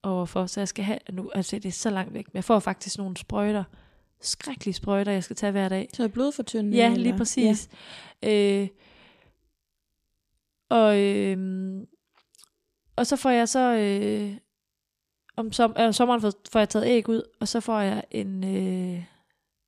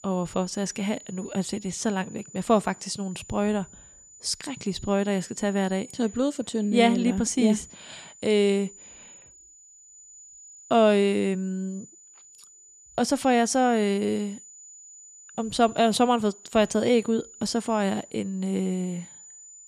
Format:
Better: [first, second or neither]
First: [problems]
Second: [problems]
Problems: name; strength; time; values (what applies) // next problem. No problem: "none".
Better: first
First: none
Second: high-pitched whine; faint; throughout; 7 kHz, 20 dB below the speech